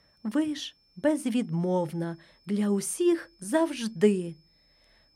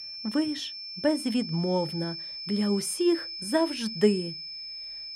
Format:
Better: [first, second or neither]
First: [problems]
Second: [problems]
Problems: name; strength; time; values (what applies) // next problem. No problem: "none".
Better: first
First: high-pitched whine; faint; throughout; 5 kHz, 35 dB below the speech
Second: high-pitched whine; loud; throughout; 5 kHz, 7 dB below the speech